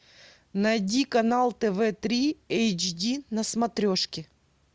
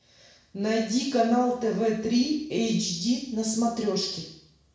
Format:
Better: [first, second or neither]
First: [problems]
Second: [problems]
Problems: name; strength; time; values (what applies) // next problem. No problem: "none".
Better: first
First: none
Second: room echo; dies away in 0.6 s